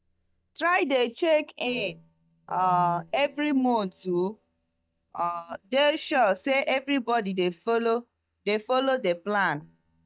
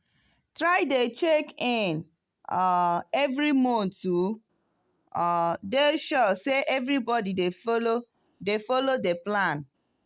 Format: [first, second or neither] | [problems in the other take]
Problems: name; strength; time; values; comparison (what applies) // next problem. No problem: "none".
second | noise reduction (neural mask model DeepFilterNet 3)